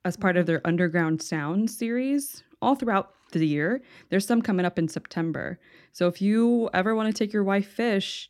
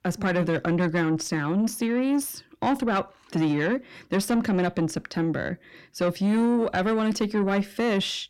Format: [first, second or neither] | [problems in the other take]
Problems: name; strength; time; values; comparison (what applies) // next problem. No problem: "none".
first | distortion; slight; 10 dB below the speech